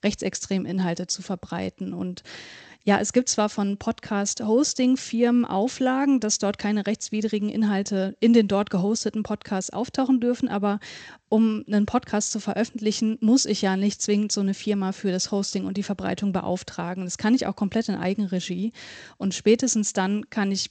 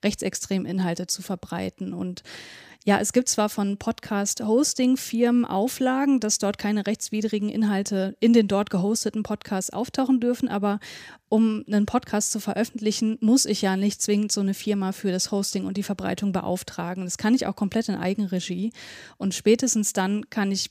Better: second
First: garbled, watery; slightly; nothing above 7.5 kHz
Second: none

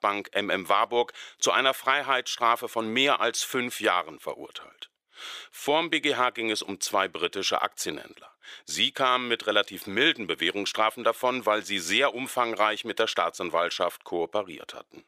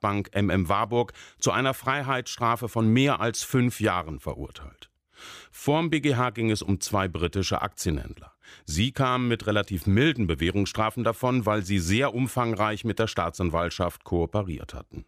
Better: second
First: thin; very; fading below 500 Hz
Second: none

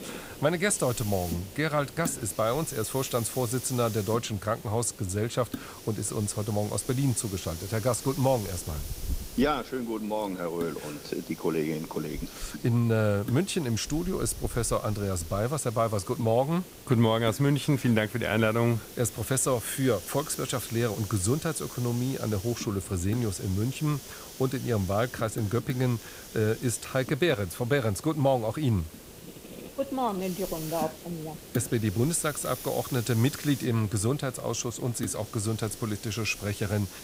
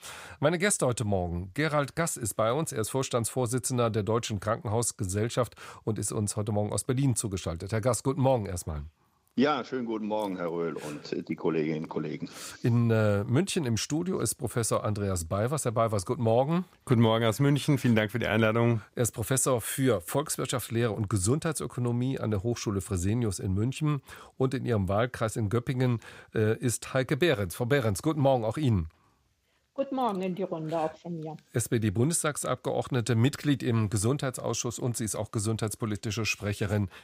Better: second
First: hiss; noticeable; throughout; 10 dB below the speech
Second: none

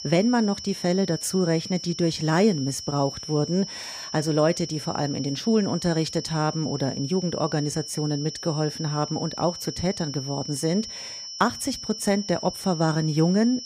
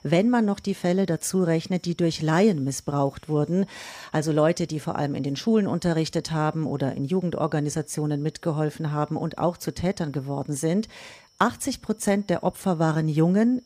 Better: second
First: high-pitched whine; loud; throughout; 5.5 kHz, 9 dB below the speech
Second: high-pitched whine; faint; throughout; 5.5 kHz, 35 dB below the speech

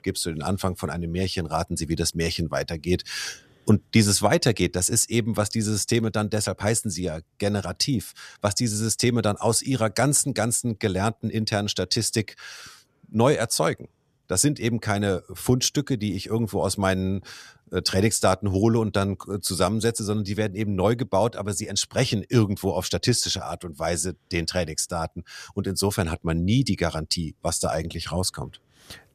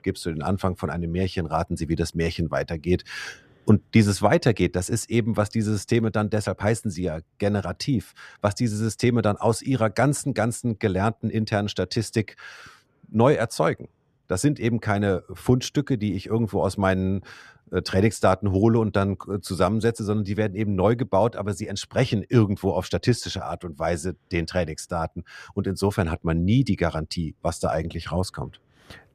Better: first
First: none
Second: muffled; slightly; fading above 3.5 kHz

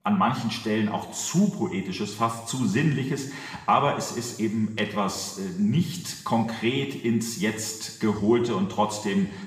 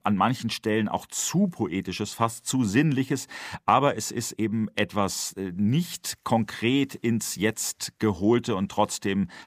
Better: second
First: room echo; noticeable; dies away in 1 s // off-mic speech; somewhat distant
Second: none

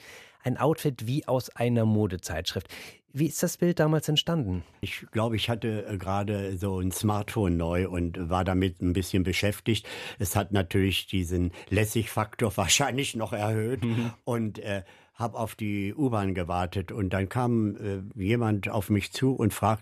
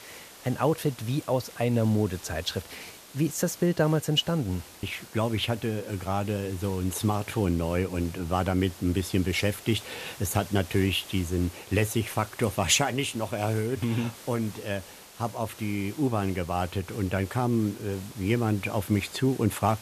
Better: first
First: none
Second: hiss; noticeable; throughout; 15 dB below the speech

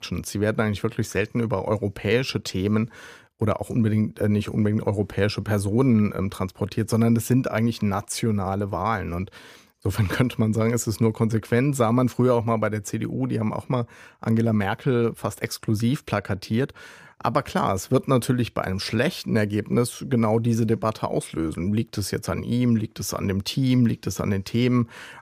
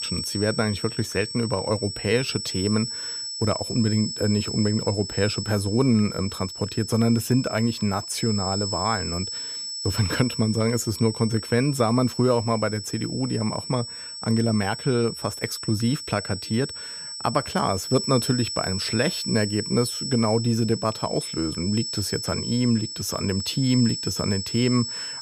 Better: first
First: none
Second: high-pitched whine; loud; throughout; 5.5 kHz, 6 dB below the speech

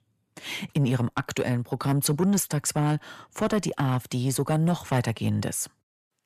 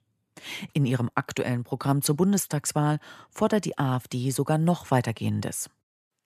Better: second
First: distortion; slight; 10 dB below the speech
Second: none

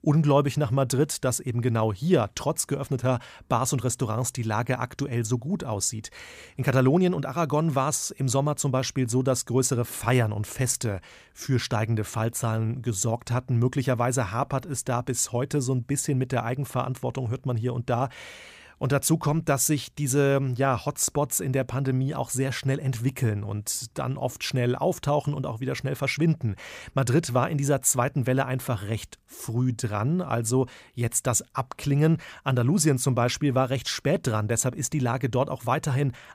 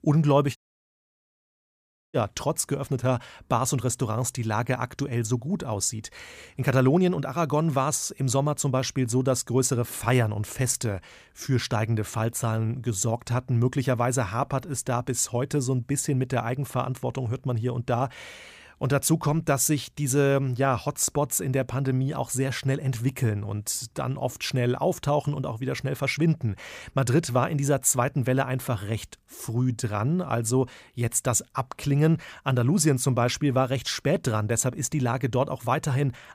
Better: first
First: none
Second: audio cutting out; at 0.5 s for 1.5 s

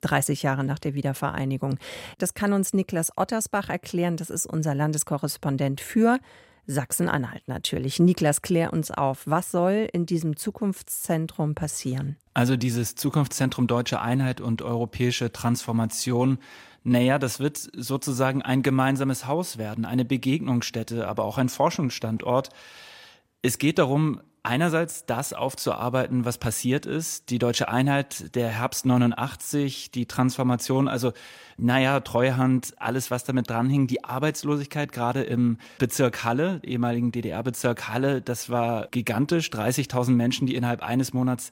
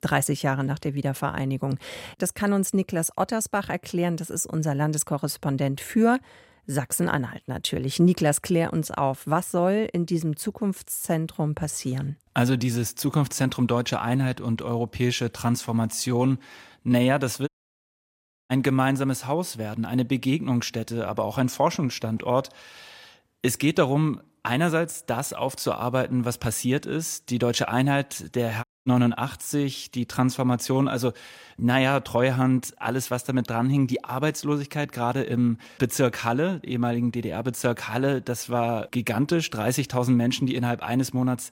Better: first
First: none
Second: audio cutting out; at 17 s for 1 s and at 29 s

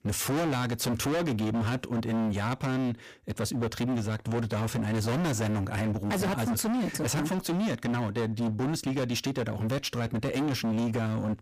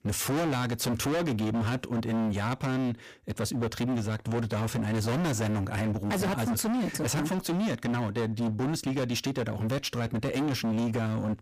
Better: neither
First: distortion; heavy; 34% of the sound clipped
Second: distortion; heavy; 34% of the sound clipped

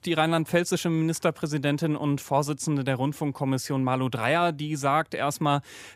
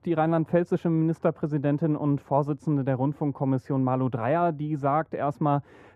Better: first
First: none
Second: muffled; very; fading above 2 kHz

